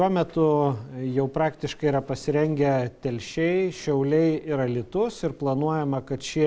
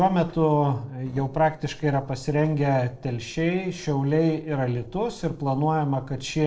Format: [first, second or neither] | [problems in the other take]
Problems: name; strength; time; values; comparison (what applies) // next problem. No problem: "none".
first | noise reduction (neural separator model SepFormer DNS4)